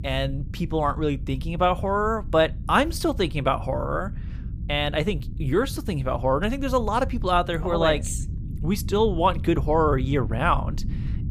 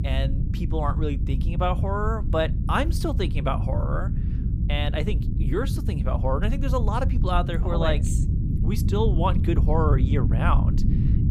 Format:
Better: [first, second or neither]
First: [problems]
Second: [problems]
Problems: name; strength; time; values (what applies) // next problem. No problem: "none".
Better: first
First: low rumble; faint; throughout; 20 dB below the speech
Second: low rumble; loud; throughout; 9 dB below the speech